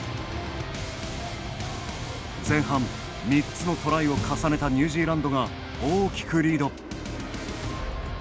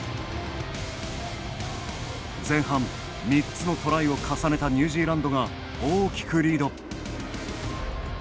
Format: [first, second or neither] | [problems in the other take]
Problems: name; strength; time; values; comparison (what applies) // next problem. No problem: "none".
second | background sound (Bowed string instrument); 11 dB below the speech